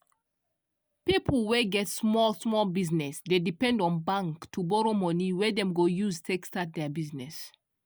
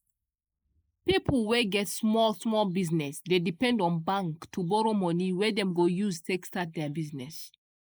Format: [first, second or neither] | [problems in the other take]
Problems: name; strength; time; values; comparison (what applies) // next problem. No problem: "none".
first | noise reduction (neural mask model Resemble Enhance denoiser)